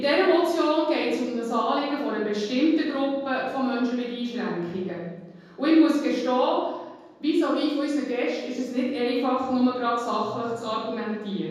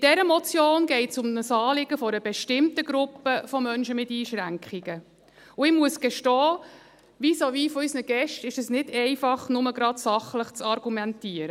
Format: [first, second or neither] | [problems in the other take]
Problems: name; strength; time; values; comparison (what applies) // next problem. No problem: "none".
second | room echo; dies away in 1.3 s